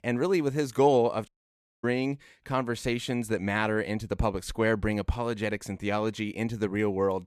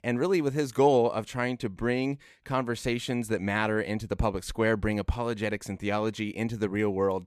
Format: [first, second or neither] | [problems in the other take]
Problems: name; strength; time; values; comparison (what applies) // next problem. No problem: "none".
second | audio cutting out; at 1.5 s for 0.5 s